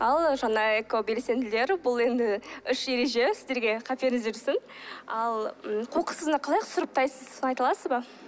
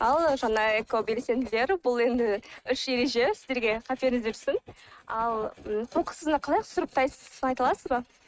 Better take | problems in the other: first | noise reduction (neural mask model RNNoise)

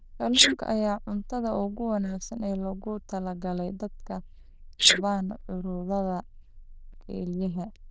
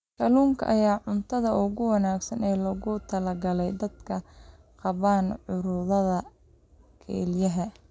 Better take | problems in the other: second | noise reduction (neural diffusion model UNIVERSE++)

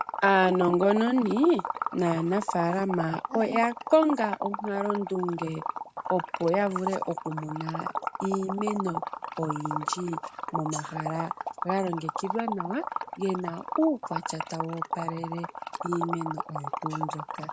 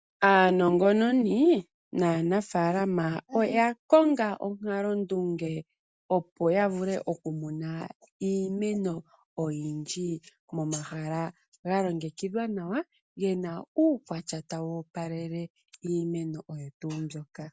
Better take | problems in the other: second | background sound (Liquid); 6 dB below the speech

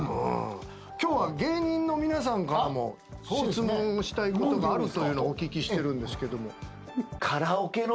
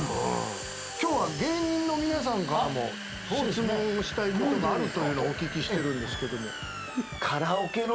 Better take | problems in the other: first | background sound (Domestic sounds, home sounds); 9 dB below the speech

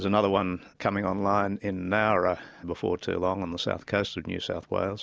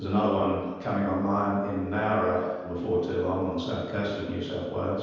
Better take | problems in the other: first | room echo; dies away in 1.2 s

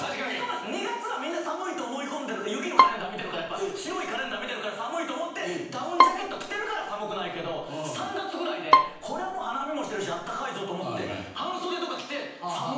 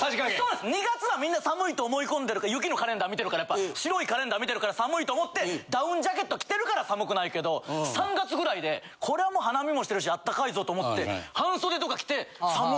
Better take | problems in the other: second | background sound (Bowed string instrument); 5 dB above the speech // room echo; dies away in 0.9 s

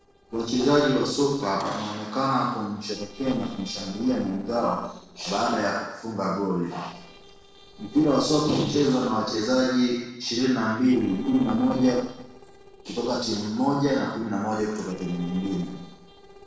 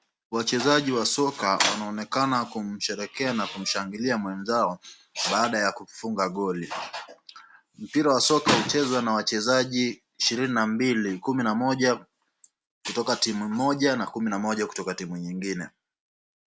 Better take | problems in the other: second | noise reduction (neural separator model SepFormer DNS4)

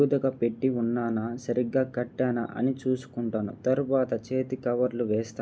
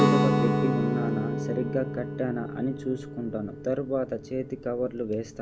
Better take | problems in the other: first | background sound (Guitar); 1 dB above the speech

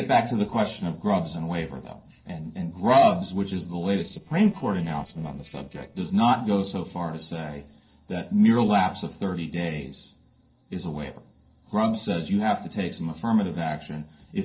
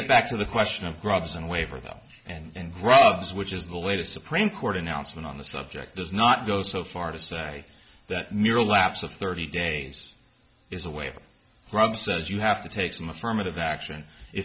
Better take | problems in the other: second | noise reduction (neural separator model SepFormer DNS4)

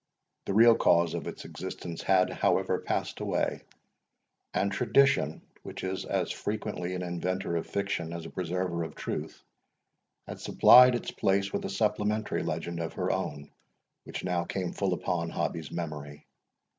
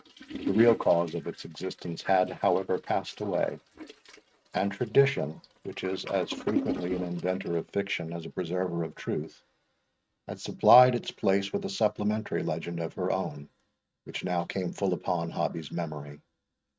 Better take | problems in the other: first | noise reduction (neural mask model RNNoise)

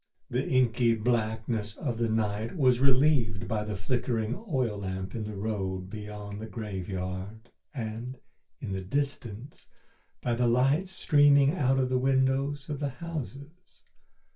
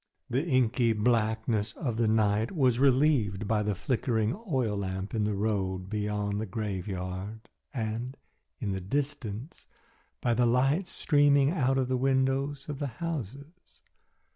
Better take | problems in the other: second | room echo; dies away in 0.2 s

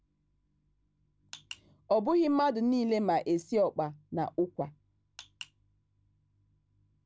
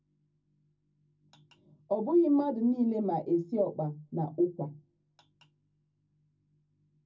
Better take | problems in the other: first | room echo; dies away in 0.4 s

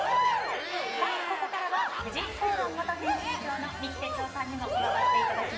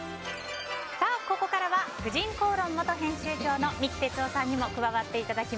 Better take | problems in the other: second | background sound (Crowd / Cheering); 3 dB above the speech // room echo; dies away in 1.3 s

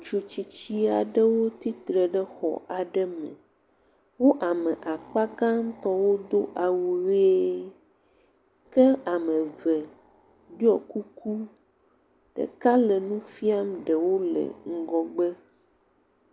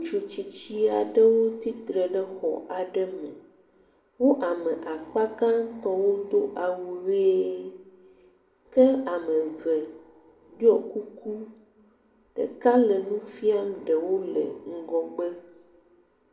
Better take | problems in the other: first | room echo; dies away in 0.8 s

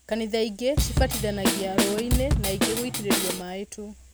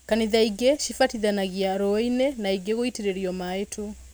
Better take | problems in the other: second | background sound (Drum kit); 4 dB above the speech

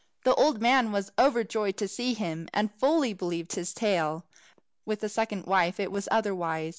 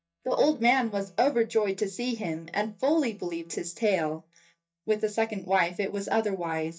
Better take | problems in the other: first | noise reduction (neural mask model DeepFilterNet 3)

